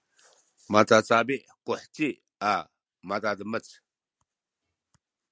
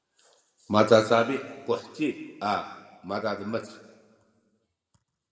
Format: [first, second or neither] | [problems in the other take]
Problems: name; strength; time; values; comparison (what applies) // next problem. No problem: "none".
first | room echo; dies away in 1.3 s